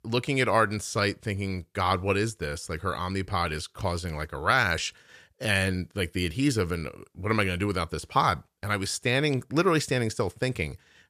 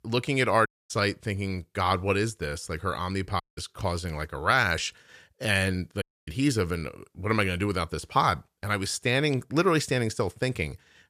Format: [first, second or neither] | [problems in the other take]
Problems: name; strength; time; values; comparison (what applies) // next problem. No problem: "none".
first | audio cutting out; at 0.5 s, at 3.5 s and at 6 s